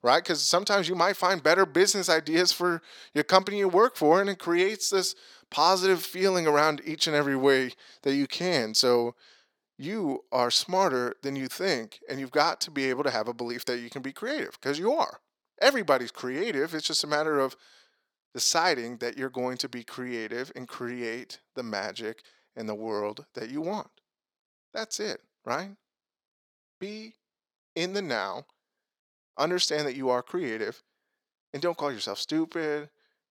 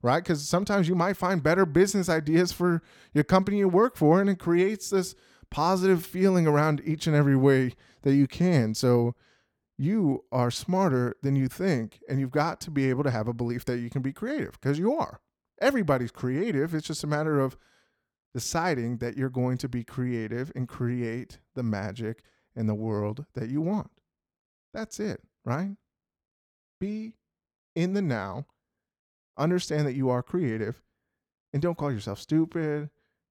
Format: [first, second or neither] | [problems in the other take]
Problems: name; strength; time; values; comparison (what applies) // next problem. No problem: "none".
second | thin; somewhat; fading below 450 Hz